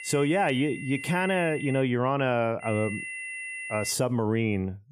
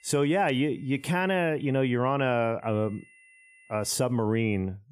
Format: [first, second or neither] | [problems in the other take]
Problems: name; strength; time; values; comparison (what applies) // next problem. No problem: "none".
second | high-pitched whine; loud; until 2 s and from 2.5 to 4 s; 2 kHz, 9 dB below the speech; faint in the second